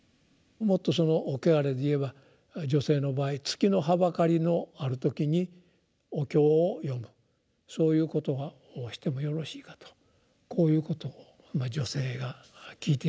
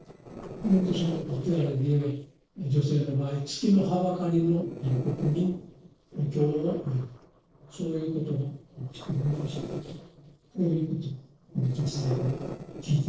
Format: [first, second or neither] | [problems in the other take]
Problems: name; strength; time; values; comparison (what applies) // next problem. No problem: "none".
first | noise reduction (neural separator model SepFormer DNS4)